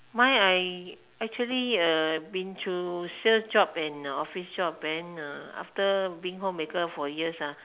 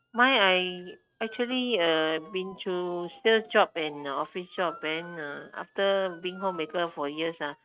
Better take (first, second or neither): first